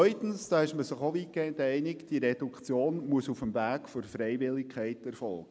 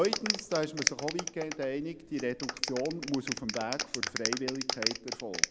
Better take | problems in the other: first | background sound (Clapping); 1 dB below the speech

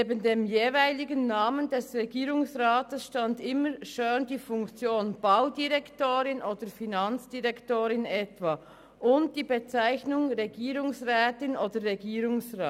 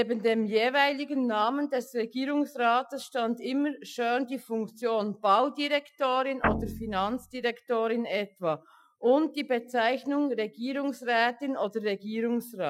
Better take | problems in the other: first | noise reduction (classical method Wiener filter)

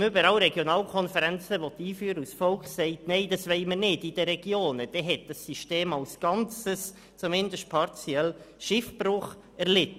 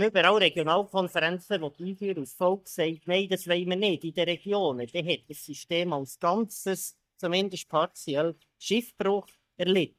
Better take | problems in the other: first | noise reduction (neural mask model DeepFilterNet 3)

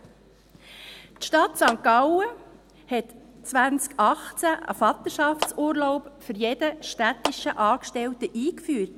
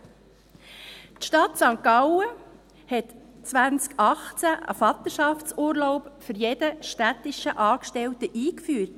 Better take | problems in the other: second | background sound (Clapping); 11 dB below the speech

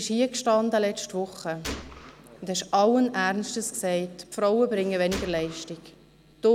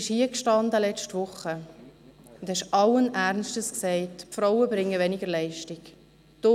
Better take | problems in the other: second | background sound (Gunshot, gunfire); 14 dB below the speech

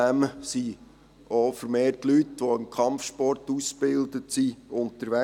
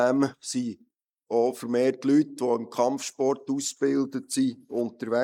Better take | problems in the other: first | noise reduction (neural mask model Resemble Enhance denoiser)

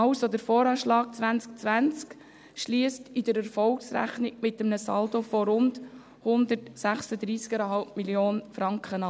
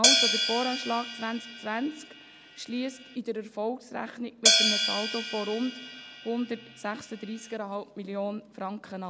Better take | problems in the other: first | background sound (Hi-hat); 4 dB above the speech

